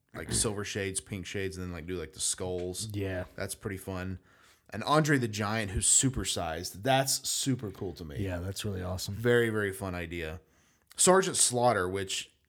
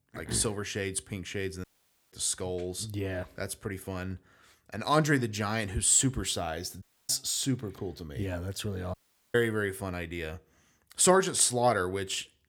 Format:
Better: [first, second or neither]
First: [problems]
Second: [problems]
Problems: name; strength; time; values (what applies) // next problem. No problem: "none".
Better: first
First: none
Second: audio cutting out; at 1.5 s, at 7 s and at 9 s